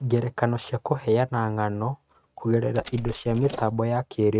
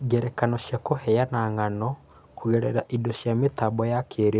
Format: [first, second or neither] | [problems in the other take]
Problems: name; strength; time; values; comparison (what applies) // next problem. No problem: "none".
second | noise reduction (neural mask model RNNoise)